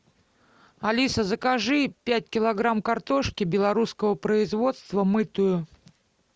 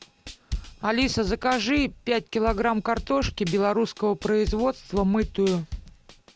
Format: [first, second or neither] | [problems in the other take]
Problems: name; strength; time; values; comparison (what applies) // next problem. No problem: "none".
first | background sound (Drum / Drum kit); 12 dB below the speech